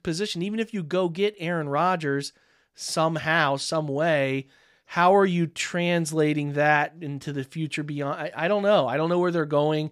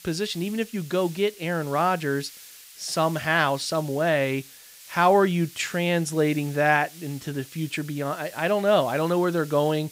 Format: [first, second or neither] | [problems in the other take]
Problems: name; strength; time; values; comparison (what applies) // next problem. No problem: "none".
first | hiss; noticeable; throughout; 20 dB below the speech